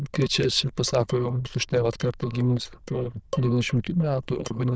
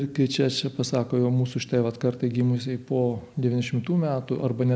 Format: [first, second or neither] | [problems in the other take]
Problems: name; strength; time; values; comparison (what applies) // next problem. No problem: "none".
second | noise reduction (neural diffusion model UNIVERSE++)